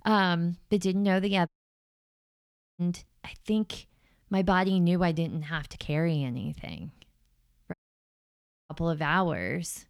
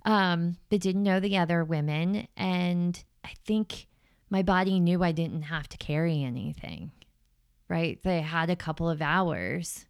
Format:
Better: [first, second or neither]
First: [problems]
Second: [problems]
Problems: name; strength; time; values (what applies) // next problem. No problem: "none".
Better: second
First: audio cutting out; at 1.5 s for 1.5 s and at 7.5 s for 1 s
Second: none